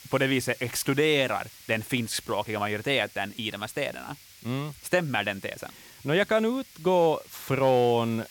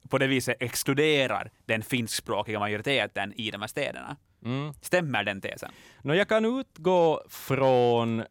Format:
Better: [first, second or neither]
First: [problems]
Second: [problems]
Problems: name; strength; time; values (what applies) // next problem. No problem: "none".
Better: second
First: hiss; faint; throughout; 20 dB below the speech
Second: none